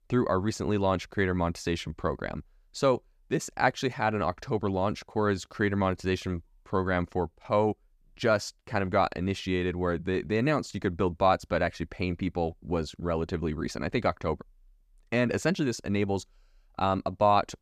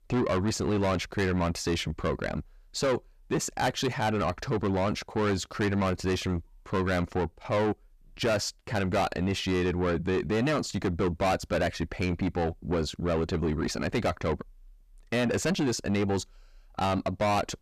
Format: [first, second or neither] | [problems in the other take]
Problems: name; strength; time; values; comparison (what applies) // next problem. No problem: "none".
first | distortion; heavy; 7 dB below the speech